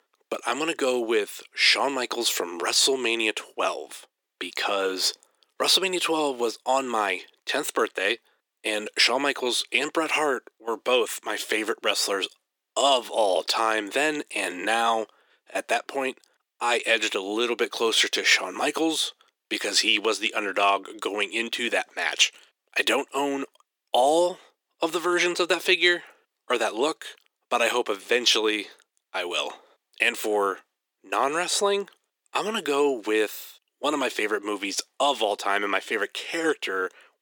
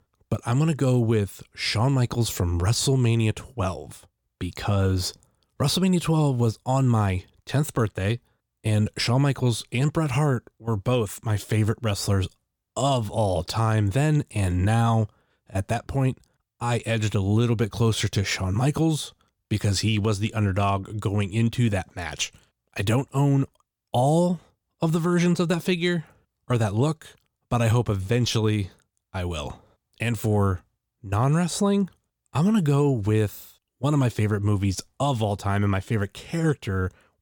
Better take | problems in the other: second | thin; very; fading below 350 Hz

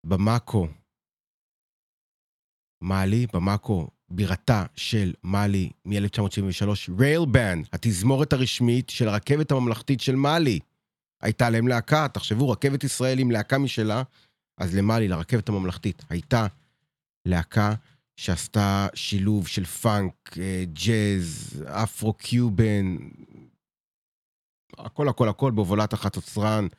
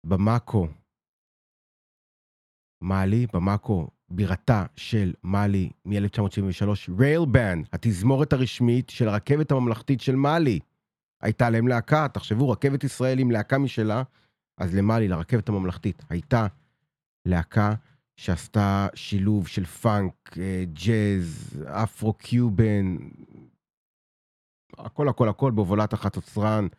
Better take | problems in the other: first | muffled; slightly; fading above 2.5 kHz

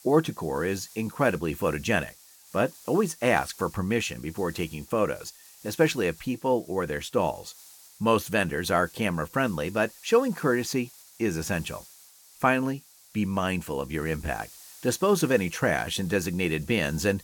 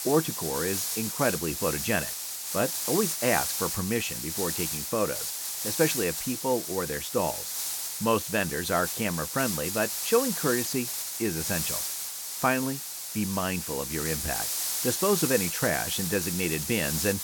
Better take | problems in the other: first | hiss; loud; throughout; 1 dB below the speech; faint in the first

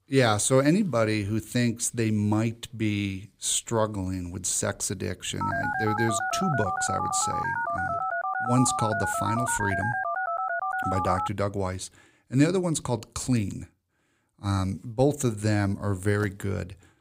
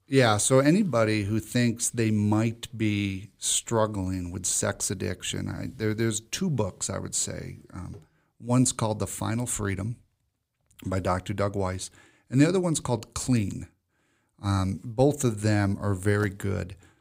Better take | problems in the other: second | phone ringing; noticeable; from 5.5 to 11 s; peak 1 dB below the speech

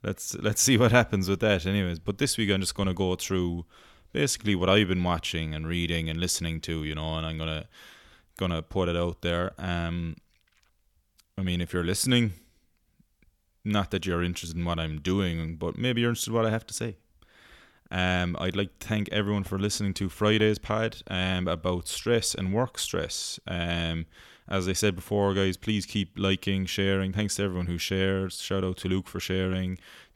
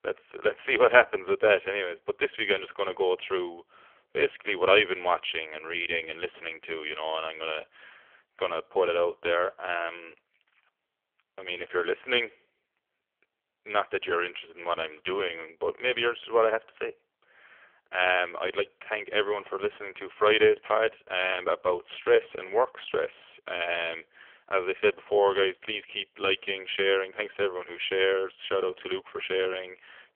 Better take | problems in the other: first | phone-call audio; poor line; nothing above 3.5 kHz

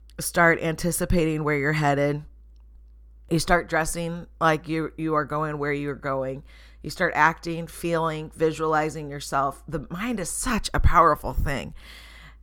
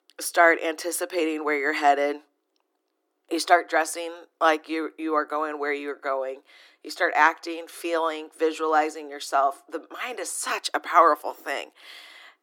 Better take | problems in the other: first | thin; very; fading below 300 Hz

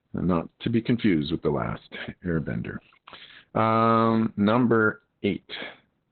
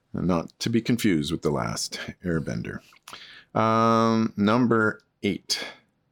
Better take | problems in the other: second | garbled, watery; badly; nothing above 4 kHz

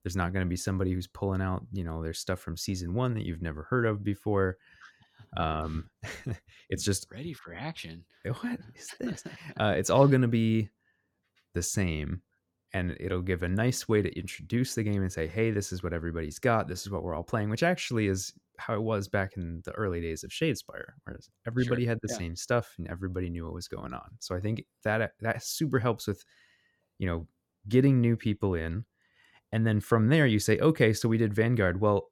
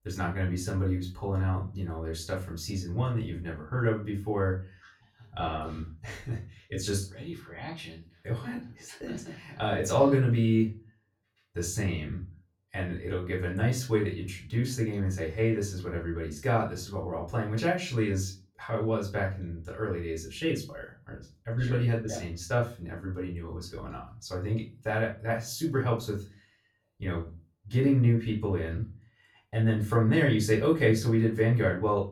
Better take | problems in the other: first | off-mic speech; far // room echo; slight; dies away in 0.3 s

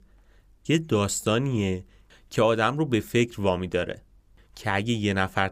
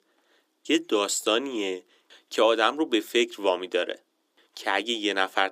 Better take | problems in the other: first | thin; somewhat; fading below 300 Hz

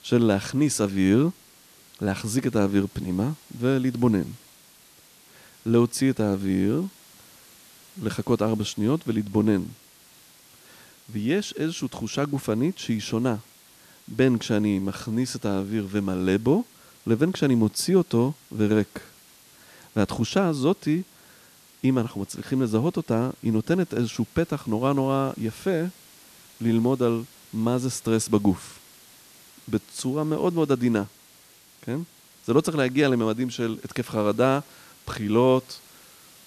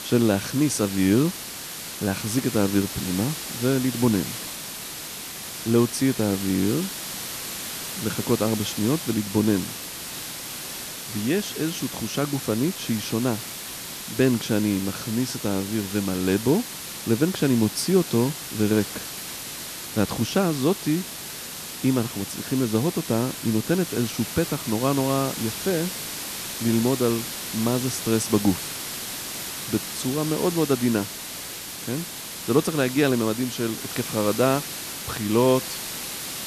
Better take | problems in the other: first | hiss; loud; throughout; 7 dB below the speech; faint in the first

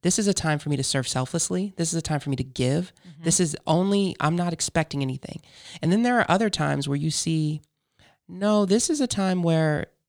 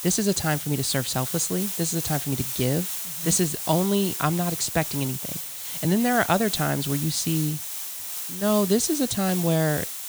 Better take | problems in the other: first | hiss; loud; throughout; 5 dB below the speech

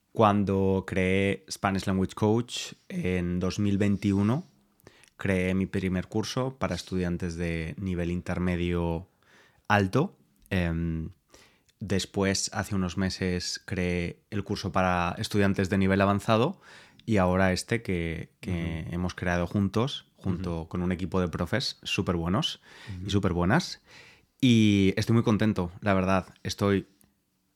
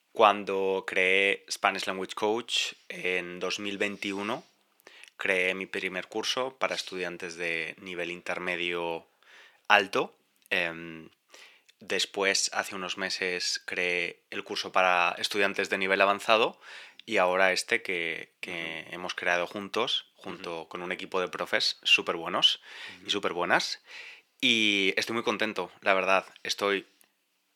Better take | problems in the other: first | thin; very; fading below 500 Hz

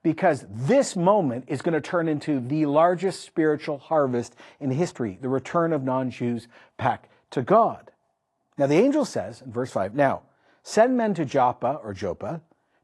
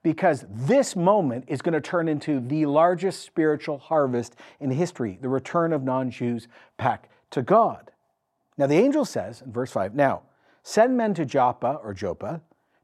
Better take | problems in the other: second | garbled, watery; slightly

